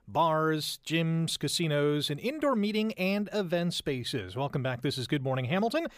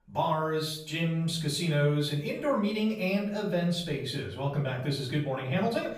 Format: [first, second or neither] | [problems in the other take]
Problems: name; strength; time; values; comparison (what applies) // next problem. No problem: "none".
first | off-mic speech; far // room echo; slight; dies away in 0.5 s